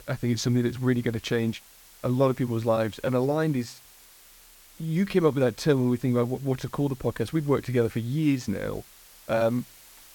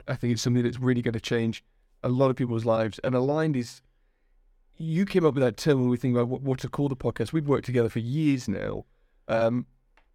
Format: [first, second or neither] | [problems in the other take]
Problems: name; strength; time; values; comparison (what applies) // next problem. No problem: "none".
second | hiss; faint; throughout; 25 dB below the speech